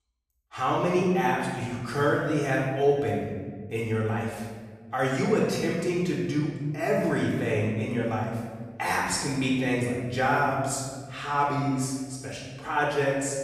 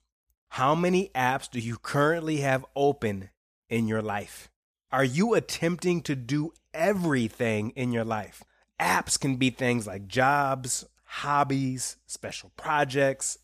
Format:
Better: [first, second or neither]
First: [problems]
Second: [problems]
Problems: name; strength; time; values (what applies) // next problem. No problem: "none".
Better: second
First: off-mic speech; far // room echo; noticeable; dies away in 1.5 s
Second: none